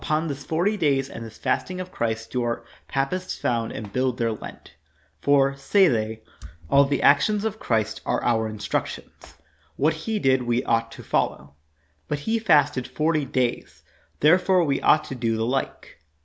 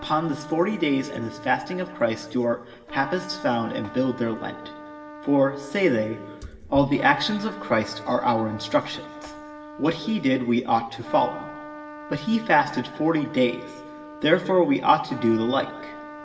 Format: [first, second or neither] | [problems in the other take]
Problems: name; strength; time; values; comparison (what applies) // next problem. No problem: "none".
first | background sound (Trumpet); 15 dB below the speech // room echo; dies away in 1.3 s